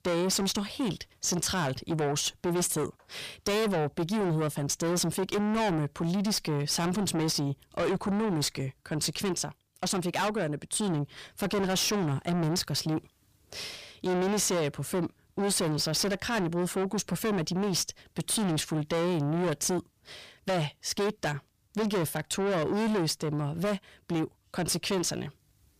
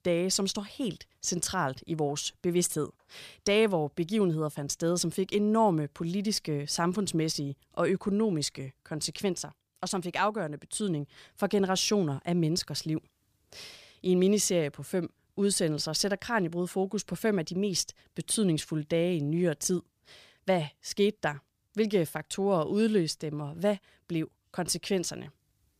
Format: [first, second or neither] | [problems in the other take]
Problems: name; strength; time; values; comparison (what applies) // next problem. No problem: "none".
second | distortion; heavy; 6 dB below the speech